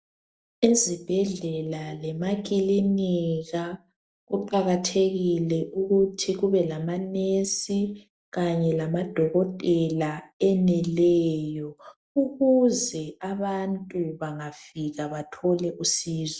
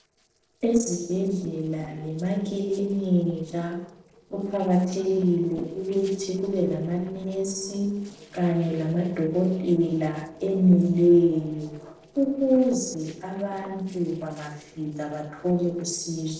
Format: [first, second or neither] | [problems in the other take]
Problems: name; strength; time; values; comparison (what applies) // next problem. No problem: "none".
first | noise reduction (neural separator model SepFormer DNS4)